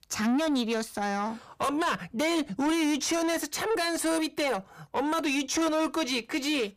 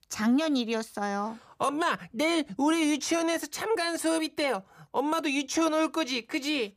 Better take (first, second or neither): second